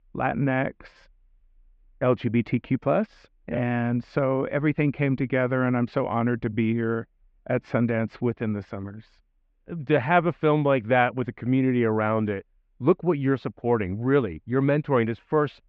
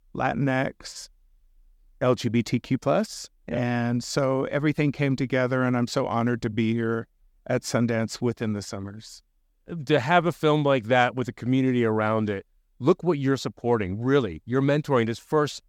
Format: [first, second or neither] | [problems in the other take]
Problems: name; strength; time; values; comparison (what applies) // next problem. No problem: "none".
second | muffled; very; fading above 2.5 kHz